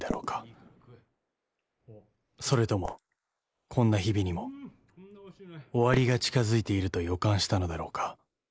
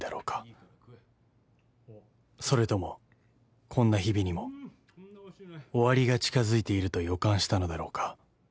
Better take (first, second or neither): second